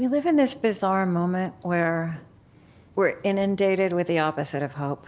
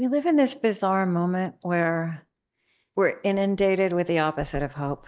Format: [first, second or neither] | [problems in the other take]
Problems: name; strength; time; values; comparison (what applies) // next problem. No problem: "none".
first | noise reduction (neural mask model DeepFilterNet 3)